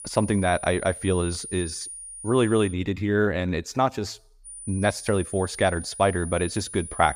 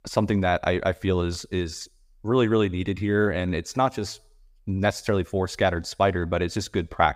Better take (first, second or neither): second